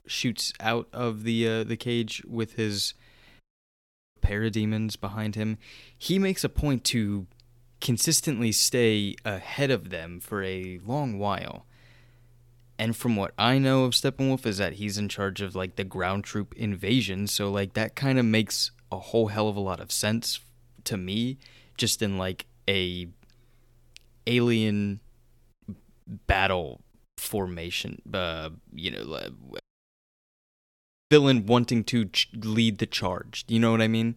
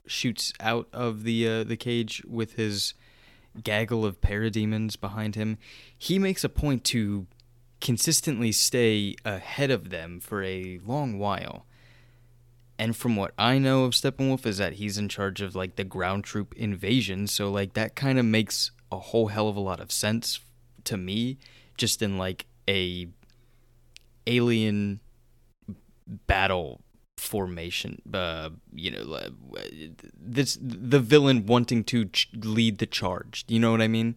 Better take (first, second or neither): second